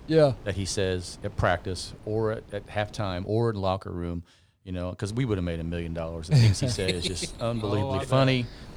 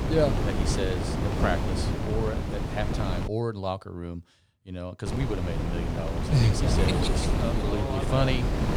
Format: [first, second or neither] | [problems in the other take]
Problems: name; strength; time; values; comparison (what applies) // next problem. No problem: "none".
first | wind noise on the microphone; heavy; until 3.5 s and from 5 s on; 1 dB below the speech; occasional gusts in the first